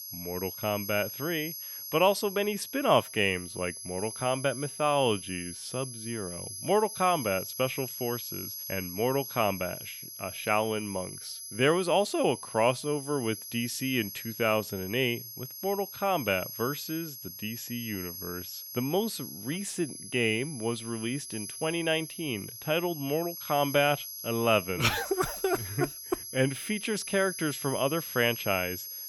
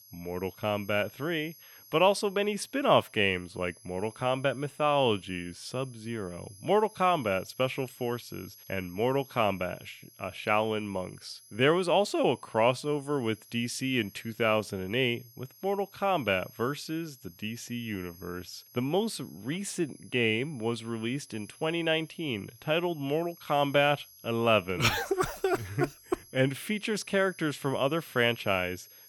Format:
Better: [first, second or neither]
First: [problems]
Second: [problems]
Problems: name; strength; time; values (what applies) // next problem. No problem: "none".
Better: second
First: high-pitched whine; loud; throughout; 11.5 kHz, 8 dB below the speech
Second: high-pitched whine; faint; throughout; 11.5 kHz, 25 dB below the speech